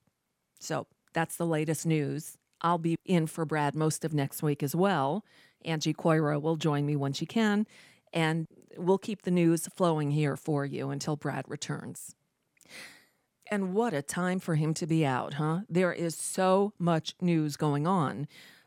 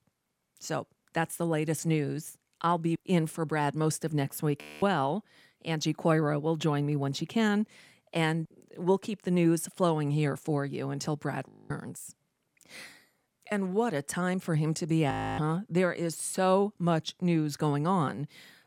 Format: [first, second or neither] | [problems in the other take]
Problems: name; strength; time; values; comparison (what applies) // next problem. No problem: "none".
first | audio freezing; at 4.5 s, at 11 s and at 15 s